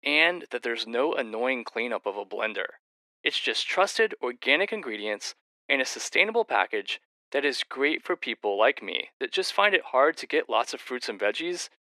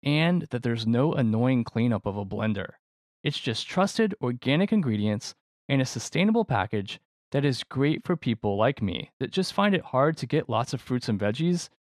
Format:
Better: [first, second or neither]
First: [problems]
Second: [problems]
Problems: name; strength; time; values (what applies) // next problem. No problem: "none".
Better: second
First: thin; very; fading below 350 Hz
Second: none